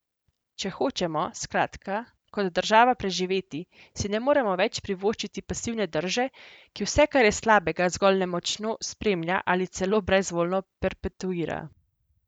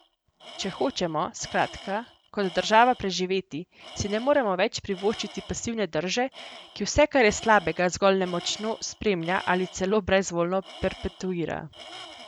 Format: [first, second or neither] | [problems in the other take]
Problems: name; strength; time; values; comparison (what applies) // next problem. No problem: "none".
first | background sound (Tools); 20 dB below the speech